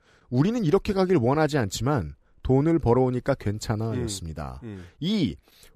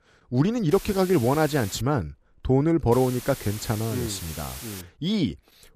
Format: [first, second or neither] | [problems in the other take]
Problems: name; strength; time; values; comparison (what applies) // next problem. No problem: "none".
first | hiss; noticeable; from 0.5 to 2 s and from 3 to 5 s; 15 dB below the speech